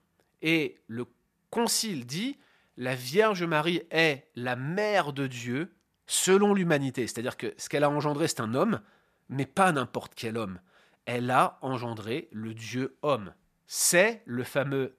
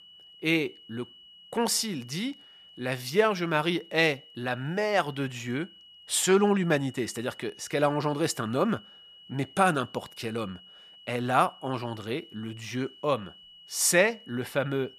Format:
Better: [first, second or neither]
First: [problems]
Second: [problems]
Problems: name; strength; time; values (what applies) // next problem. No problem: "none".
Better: first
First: none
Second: high-pitched whine; faint; throughout; 3 kHz, 20 dB below the speech